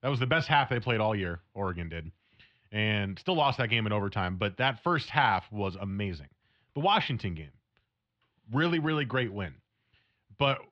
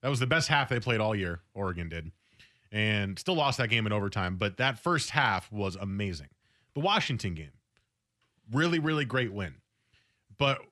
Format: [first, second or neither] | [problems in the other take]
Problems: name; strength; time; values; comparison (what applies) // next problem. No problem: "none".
second | muffled; slightly; fading above 3.5 kHz